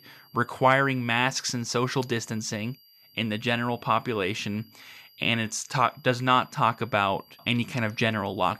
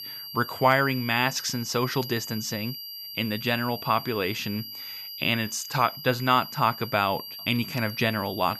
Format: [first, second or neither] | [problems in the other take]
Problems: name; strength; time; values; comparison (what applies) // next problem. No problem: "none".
first | high-pitched whine; loud; throughout; 4.5 kHz, 10 dB below the speech; faint in the first